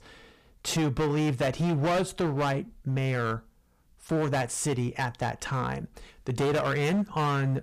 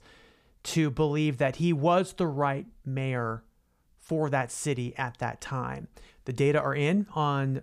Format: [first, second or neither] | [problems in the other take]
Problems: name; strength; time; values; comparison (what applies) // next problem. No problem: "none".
second | distortion; heavy; 16% of the sound clipped